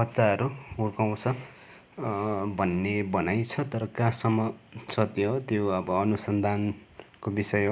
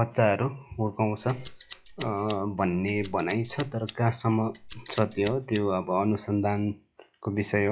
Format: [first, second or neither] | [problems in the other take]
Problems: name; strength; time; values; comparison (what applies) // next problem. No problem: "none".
first | noise reduction (classical method log-MMSE)